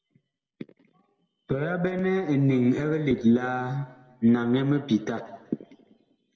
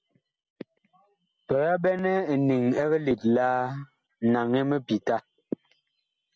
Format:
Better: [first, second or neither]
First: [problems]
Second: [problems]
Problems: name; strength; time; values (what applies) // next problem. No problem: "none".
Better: second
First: room echo; dies away in 1.2 s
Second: none